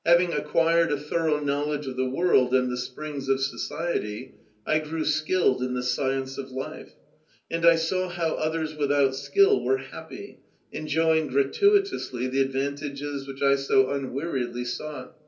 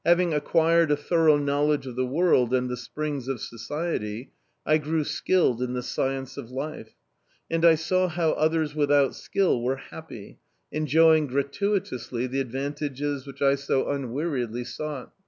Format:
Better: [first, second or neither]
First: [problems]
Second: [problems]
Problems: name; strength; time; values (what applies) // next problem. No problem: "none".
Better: second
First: room echo; dies away in 0.3 s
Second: none